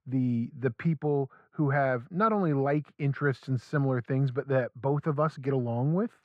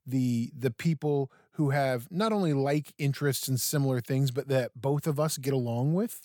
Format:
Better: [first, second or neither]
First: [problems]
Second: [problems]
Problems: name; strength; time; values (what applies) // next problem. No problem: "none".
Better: second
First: muffled; very; fading above 1.5 kHz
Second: none